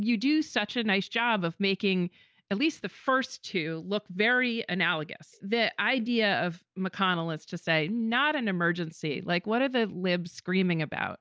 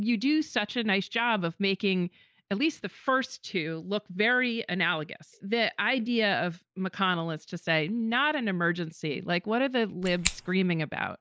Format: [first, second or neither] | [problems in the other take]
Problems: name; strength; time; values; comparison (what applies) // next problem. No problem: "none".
first | noise reduction (neural mask model Resemble Enhance denoiser)